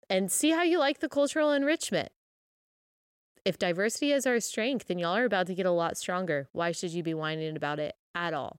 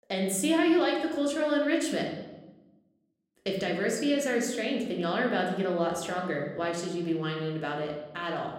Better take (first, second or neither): first